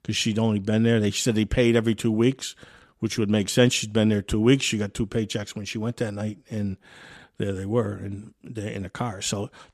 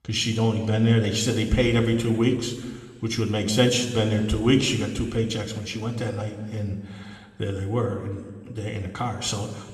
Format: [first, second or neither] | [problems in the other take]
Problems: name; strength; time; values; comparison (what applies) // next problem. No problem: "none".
first | room echo; slight; dies away in 1.5 s